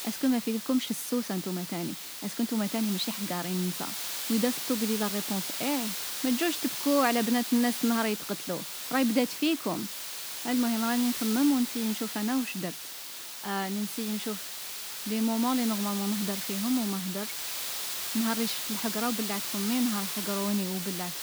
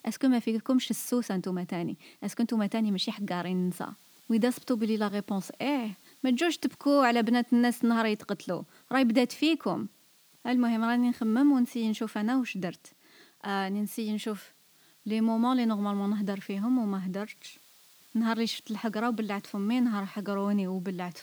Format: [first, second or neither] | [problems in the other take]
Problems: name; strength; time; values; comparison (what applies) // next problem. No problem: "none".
second | hiss; loud; throughout; 3 dB below the speech; faint in the second